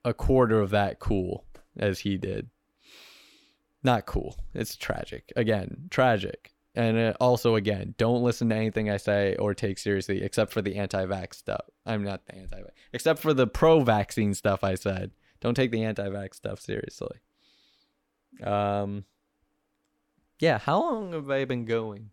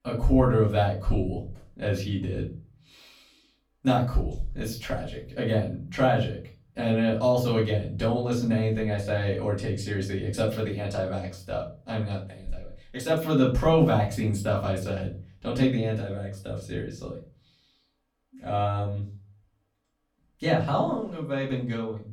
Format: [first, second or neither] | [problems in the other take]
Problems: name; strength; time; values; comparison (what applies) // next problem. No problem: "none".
first | off-mic speech; far // room echo; slight; dies away in 0.4 s